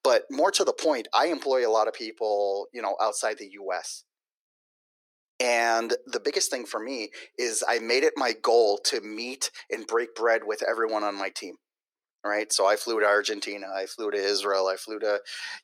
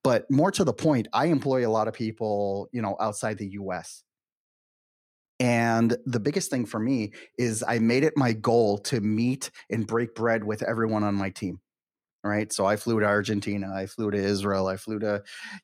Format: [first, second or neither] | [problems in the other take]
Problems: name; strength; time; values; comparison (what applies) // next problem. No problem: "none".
second | thin; very; fading below 400 Hz